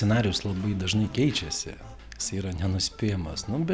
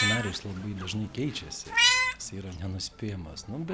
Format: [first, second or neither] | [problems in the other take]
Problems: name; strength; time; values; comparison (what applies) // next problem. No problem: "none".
first | background sound (Meow); 3 dB above the speech